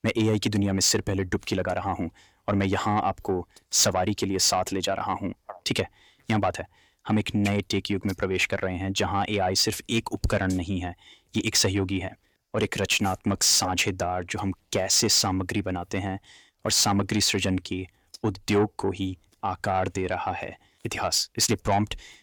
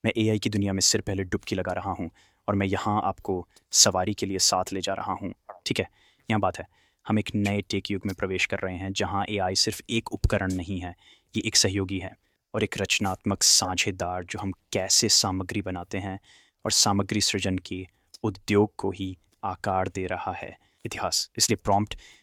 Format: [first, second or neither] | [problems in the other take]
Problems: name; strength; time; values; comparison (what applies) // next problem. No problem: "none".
second | distortion; slight; 10 dB below the speech